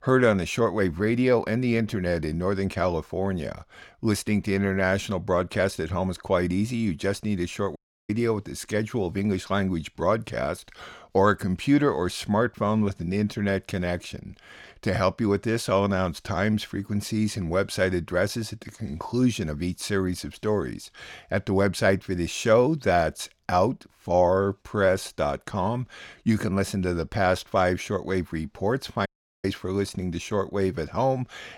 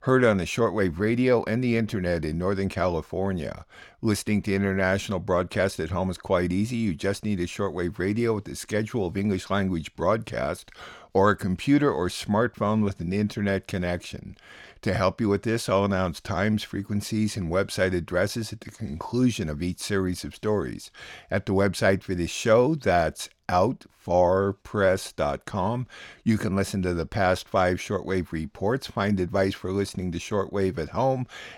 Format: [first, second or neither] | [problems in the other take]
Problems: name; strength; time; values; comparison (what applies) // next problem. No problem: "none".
second | audio cutting out; at 8 s and at 29 s